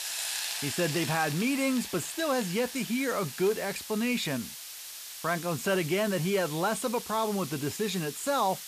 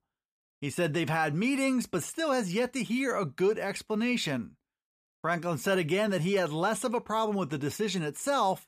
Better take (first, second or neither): second